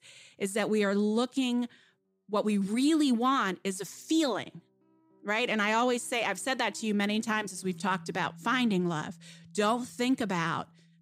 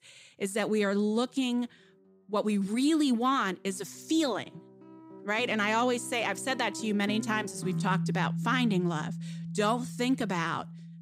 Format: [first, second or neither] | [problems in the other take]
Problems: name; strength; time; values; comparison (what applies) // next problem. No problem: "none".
first | background music; loud; throughout; 8 dB below the speech; faint in the first